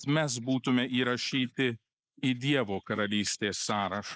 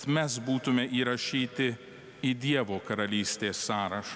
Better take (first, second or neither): second